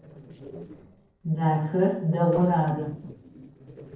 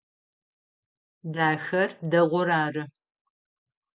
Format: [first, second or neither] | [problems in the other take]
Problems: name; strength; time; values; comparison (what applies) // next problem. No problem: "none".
second | noise reduction (neural separator model SepFormer DNS4)